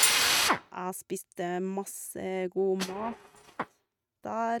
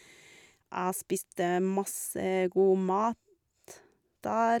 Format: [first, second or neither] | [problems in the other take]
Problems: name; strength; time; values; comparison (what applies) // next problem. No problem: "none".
second | noise reduction (neural mask model RNNoise)